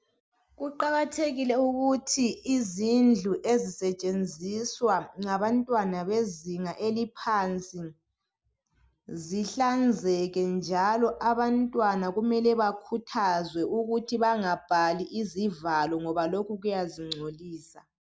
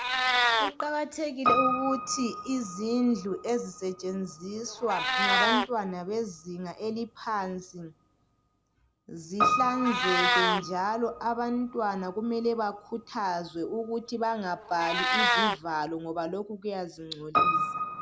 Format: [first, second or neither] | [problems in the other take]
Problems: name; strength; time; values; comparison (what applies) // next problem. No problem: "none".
first | background sound (Meow + Piano); 1 dB above the speech